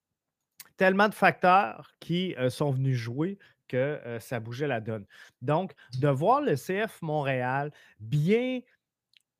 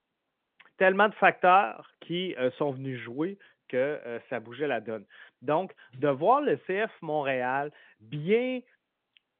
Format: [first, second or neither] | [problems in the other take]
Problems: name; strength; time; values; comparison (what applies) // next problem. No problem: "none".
first | phone-call audio